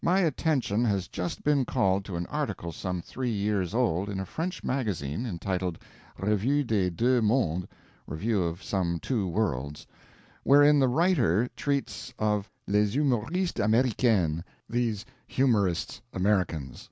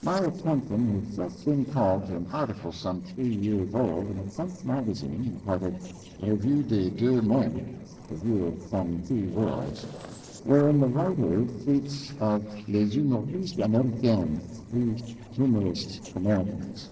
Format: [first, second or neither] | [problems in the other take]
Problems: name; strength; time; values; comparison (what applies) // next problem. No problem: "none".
first | noise reduction (neural separator model SepFormer DNS4)